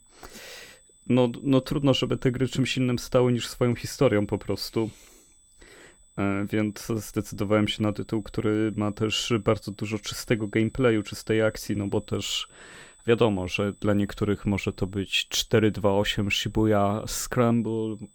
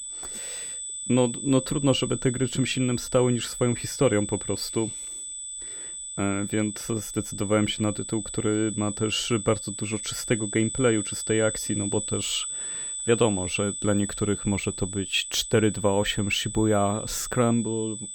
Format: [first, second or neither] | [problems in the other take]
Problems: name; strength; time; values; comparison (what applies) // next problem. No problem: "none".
first | high-pitched whine; loud; throughout; 8 kHz, 6 dB below the speech; faint in the first